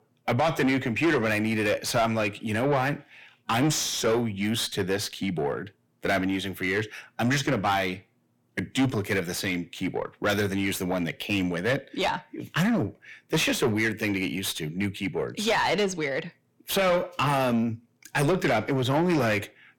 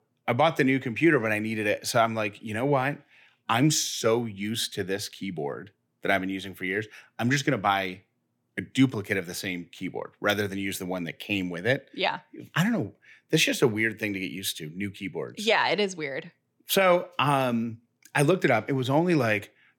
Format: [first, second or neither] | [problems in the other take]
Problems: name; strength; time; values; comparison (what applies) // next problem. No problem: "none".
second | distortion; heavy; 7 dB below the speech